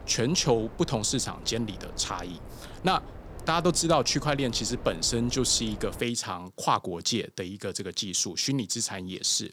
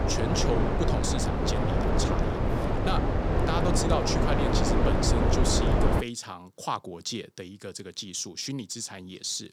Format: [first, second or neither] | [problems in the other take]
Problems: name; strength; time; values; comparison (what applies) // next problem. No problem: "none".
first | wind noise on the microphone; heavy; until 6 s; 3 dB above the speech; occasional gusts in the first